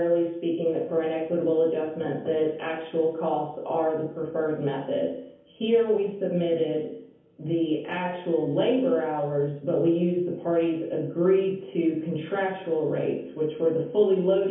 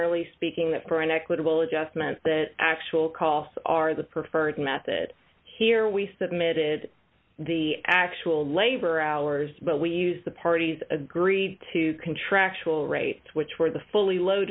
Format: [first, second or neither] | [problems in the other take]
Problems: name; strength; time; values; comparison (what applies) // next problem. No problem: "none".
second | room echo; dies away in 0.7 s